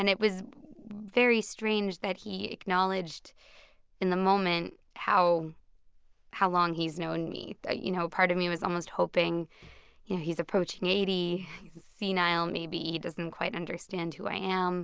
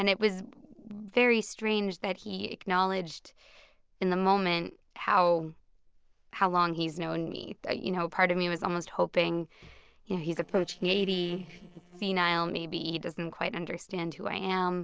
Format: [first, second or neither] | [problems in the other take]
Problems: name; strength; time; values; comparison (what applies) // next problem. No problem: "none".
first | noise reduction (neural separator model SepFormer DNS4)